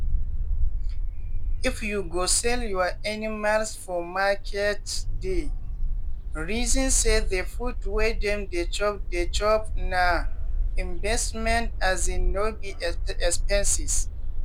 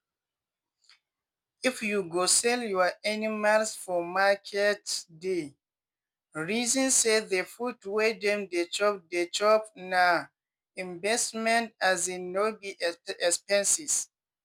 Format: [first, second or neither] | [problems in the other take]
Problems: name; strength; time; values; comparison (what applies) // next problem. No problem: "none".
second | background sound (Bark); 3 dB above the speech